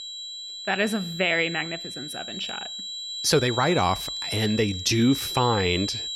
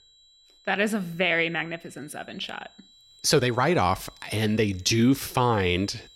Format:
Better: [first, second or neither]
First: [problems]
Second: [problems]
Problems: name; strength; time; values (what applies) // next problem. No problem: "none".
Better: second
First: high-pitched whine; loud; throughout; 4 kHz, 7 dB below the speech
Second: high-pitched whine; faint; throughout; 4 kHz, 30 dB below the speech